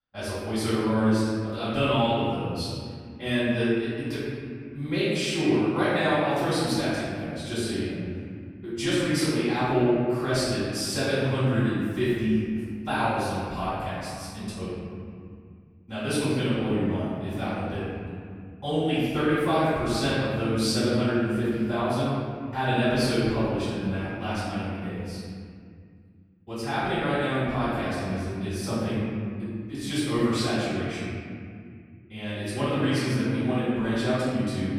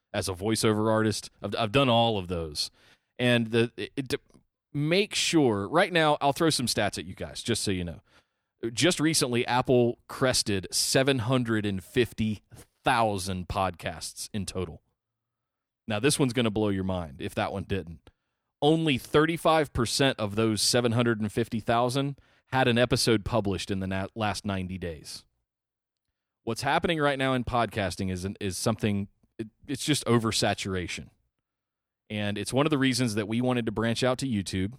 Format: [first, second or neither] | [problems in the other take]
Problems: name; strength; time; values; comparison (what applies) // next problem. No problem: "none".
second | off-mic speech; far // room echo; strong; dies away in 2.5 s